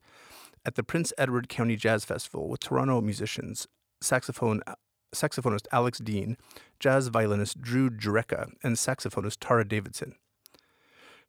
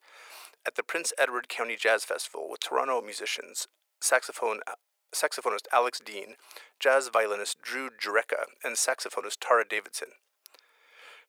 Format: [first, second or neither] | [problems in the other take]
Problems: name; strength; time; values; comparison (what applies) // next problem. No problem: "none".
first | thin; very; fading below 450 Hz